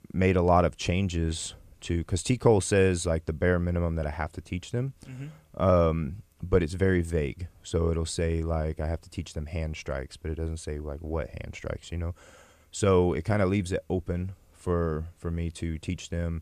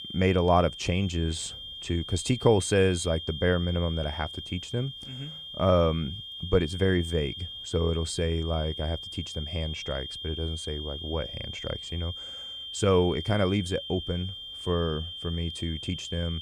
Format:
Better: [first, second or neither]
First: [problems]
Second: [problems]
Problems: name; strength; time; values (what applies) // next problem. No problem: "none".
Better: first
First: none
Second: high-pitched whine; loud; throughout; 3 kHz, 8 dB below the speech